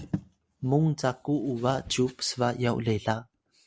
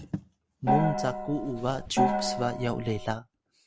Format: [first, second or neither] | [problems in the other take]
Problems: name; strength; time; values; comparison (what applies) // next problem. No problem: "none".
first | background sound (Gong); 2 dB above the speech